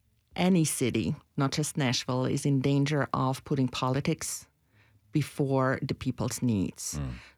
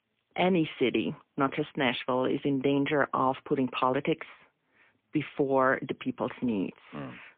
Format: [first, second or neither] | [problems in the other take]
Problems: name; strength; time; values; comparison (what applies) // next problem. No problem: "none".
first | phone-call audio; poor line; nothing above 3 kHz